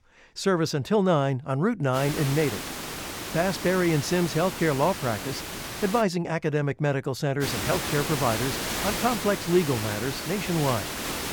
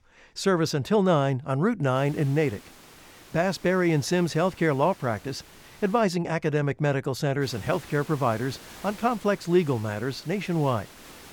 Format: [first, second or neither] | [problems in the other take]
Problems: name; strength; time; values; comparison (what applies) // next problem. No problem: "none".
second | hiss; loud; from 2 to 6 s and from 7.5 s on; 5 dB below the speech; faint in the second